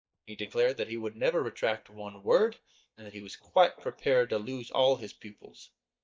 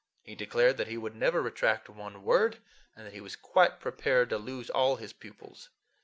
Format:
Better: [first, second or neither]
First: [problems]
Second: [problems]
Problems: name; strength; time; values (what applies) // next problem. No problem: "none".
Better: second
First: noise reduction (neural mask model DeepFilterNet 3)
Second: none